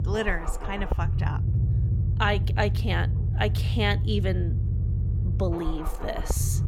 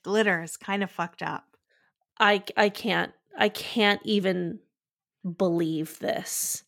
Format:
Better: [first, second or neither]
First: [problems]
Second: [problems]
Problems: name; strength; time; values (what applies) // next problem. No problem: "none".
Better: second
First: low rumble; loud; throughout; 9 dB below the speech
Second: none